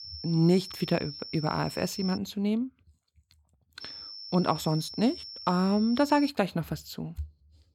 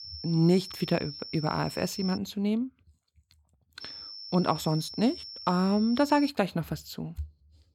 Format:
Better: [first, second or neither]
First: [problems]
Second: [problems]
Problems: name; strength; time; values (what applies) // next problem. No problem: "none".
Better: neither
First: high-pitched whine; noticeable; until 2 s and from 4 to 6.5 s; 5.5 kHz, 10 dB below the speech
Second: high-pitched whine; noticeable; until 2 s and from 4 to 6.5 s; 5.5 kHz, 10 dB below the speech